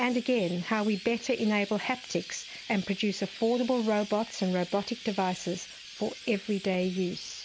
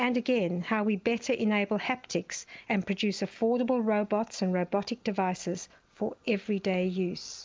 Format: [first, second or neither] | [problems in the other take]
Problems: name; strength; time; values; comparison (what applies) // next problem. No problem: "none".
second | background sound (Chirp, tweet); 15 dB below the speech